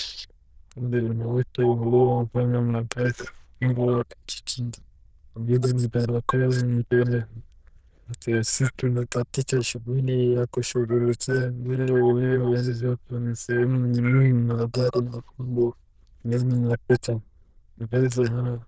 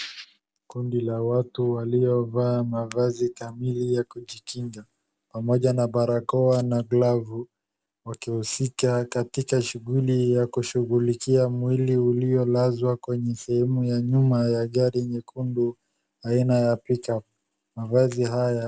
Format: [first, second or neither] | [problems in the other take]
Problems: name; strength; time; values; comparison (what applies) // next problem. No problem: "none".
second | noise reduction (neural diffusion model UNIVERSE++)